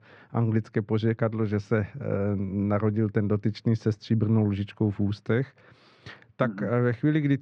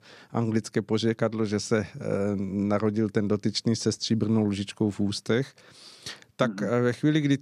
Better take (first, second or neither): second